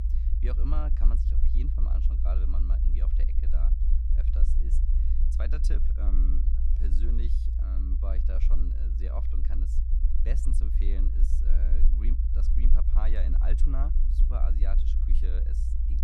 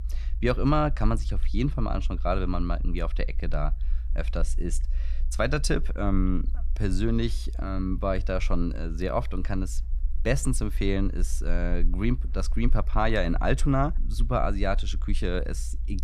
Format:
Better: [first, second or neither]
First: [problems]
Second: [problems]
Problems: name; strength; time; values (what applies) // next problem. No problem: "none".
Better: second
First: low rumble; loud; throughout; 3 dB below the speech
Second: low rumble; faint; throughout; 25 dB below the speech